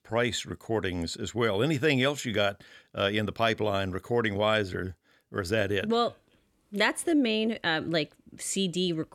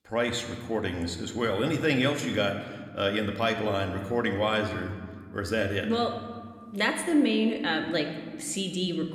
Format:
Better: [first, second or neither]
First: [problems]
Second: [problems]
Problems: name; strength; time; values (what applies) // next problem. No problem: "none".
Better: first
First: none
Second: room echo; slight; dies away in 1.3 s